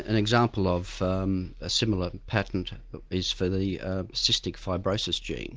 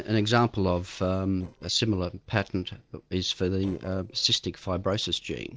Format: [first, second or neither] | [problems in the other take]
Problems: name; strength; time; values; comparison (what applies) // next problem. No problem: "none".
first | noise reduction (neural separator model SepFormer DNS4)